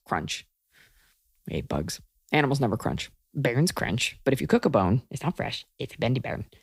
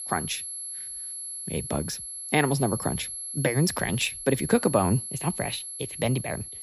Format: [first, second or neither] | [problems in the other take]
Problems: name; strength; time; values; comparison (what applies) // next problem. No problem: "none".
first | high-pitched whine; loud; throughout; 11 kHz, 6 dB below the speech